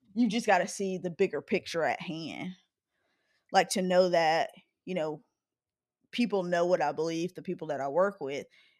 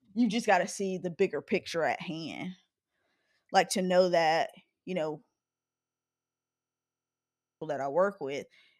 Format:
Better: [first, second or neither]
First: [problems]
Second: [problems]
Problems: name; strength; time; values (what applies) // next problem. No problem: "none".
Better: first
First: none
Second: audio freezing; at 5.5 s for 2 s